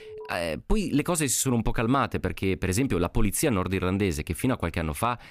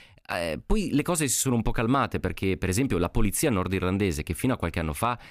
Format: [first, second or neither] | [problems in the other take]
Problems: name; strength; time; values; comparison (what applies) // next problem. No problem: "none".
second | alarm; faint; at the start; peak 15 dB below the speech